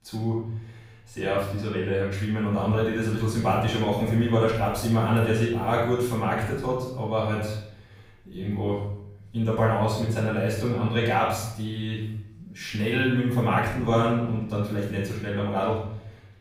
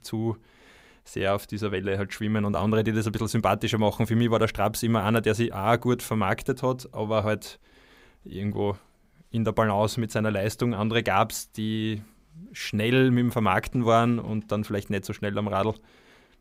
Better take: second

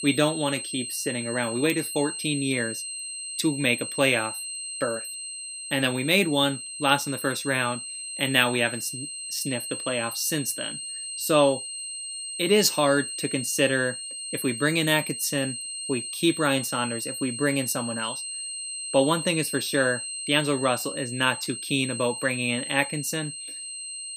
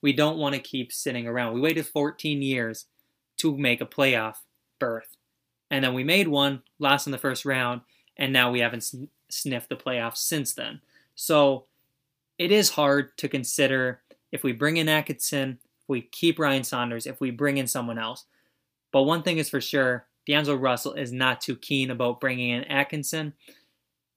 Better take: second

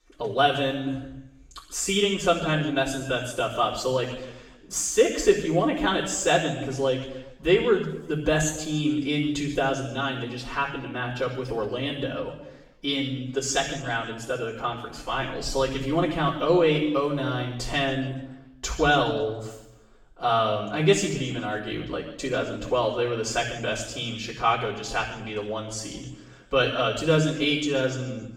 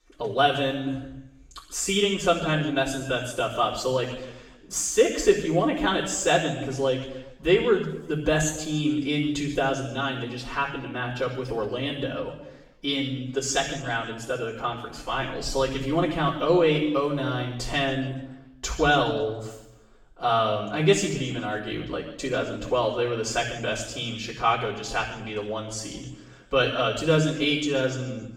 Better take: neither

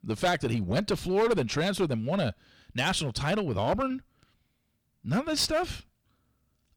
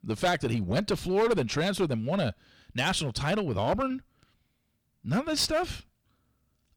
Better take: neither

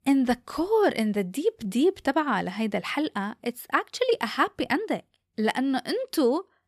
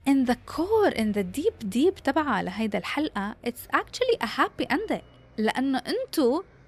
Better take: first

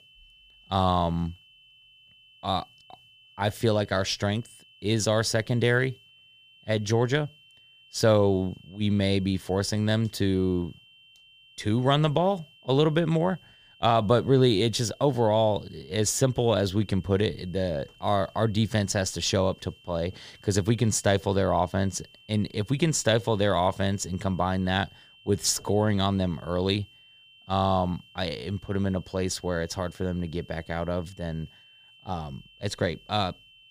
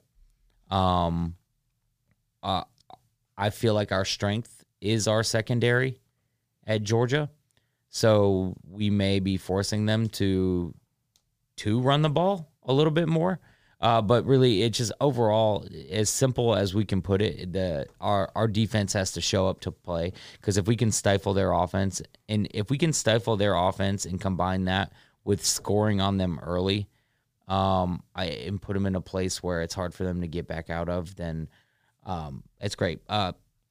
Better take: second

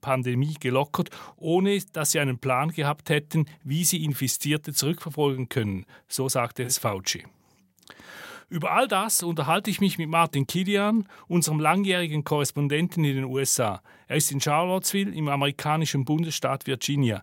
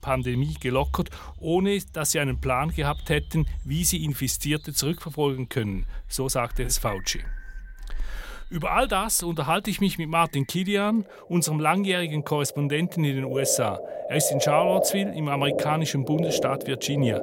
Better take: first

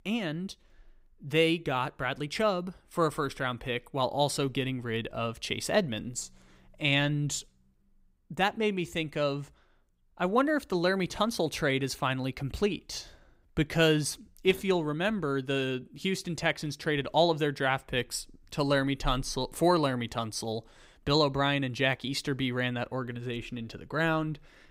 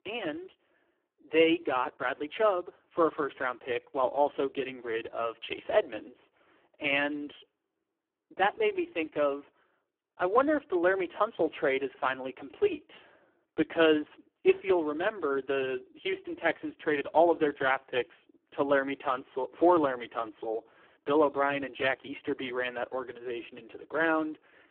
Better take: first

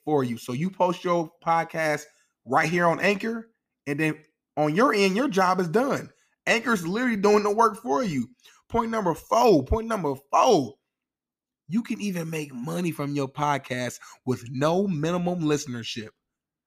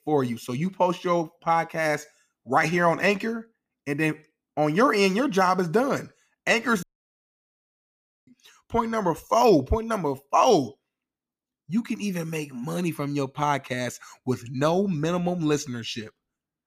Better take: first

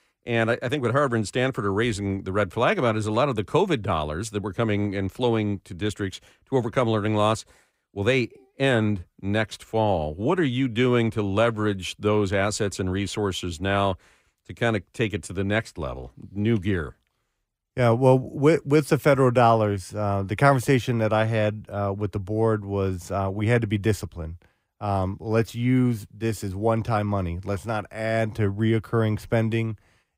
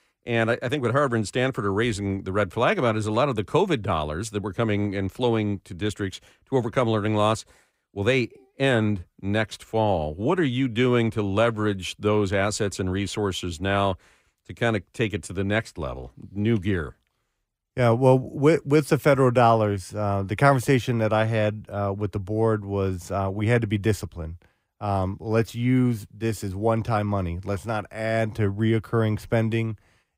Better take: neither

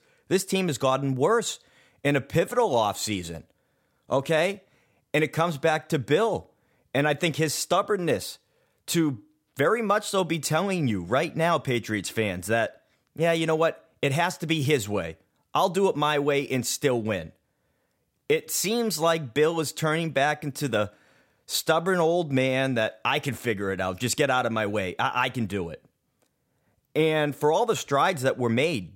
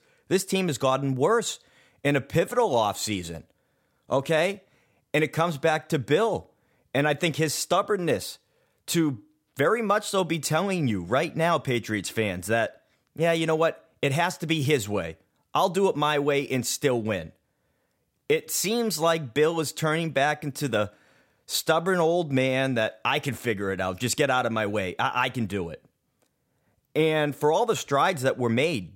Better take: neither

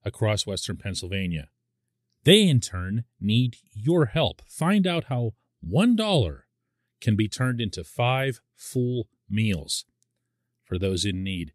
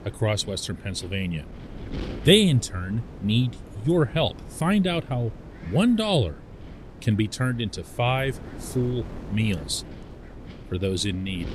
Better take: first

